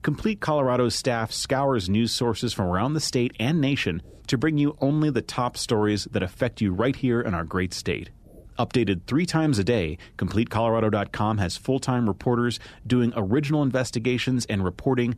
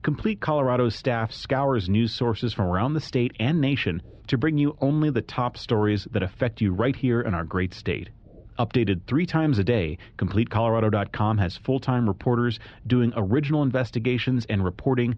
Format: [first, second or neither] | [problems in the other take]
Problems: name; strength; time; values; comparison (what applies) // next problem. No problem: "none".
first | muffled; slightly; fading above 4 kHz